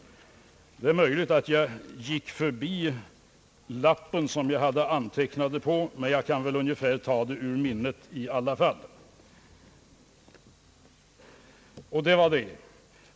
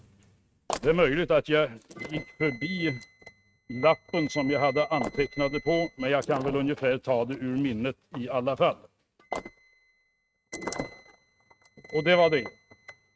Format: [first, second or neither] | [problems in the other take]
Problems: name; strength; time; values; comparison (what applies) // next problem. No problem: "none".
first | noise reduction (neural mask model RNNoise)